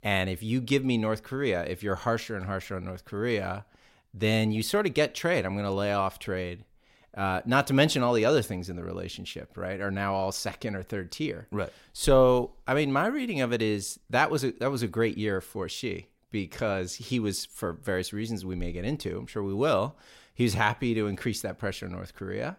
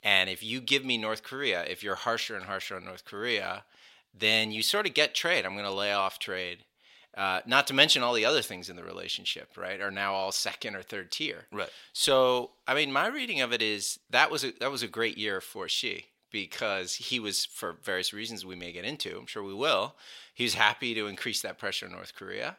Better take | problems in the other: first | thin; somewhat; fading below 800 Hz

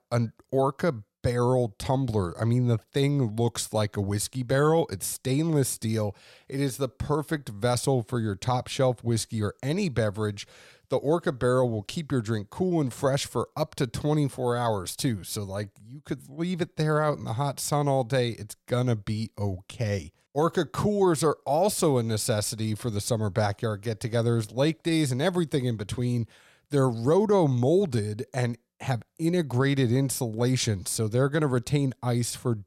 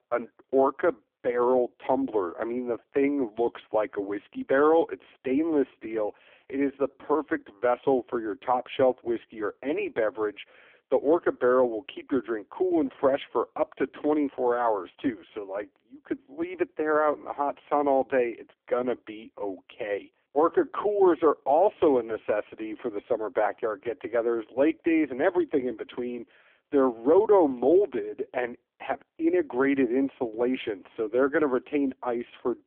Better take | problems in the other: first | phone-call audio; poor line; nothing above 3.5 kHz

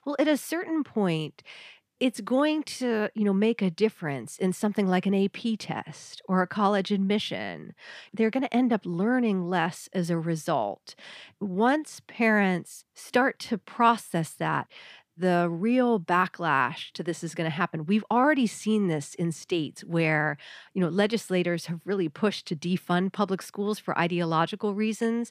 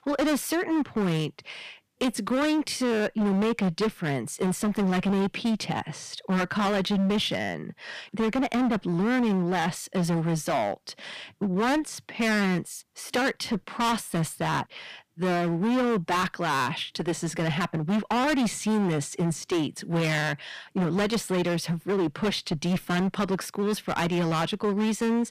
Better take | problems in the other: first | distortion; heavy; 22% of the sound clipped

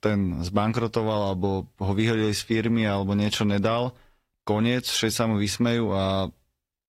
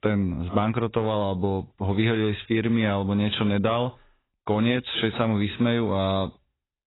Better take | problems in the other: first | garbled, watery; badly; nothing above 4 kHz; slightly in the first

